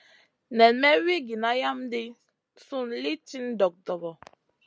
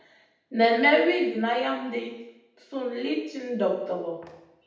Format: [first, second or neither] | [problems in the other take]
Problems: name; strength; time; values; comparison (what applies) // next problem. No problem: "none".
first | room echo; dies away in 0.8 s